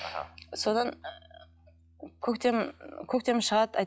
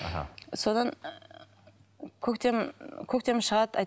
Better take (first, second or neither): second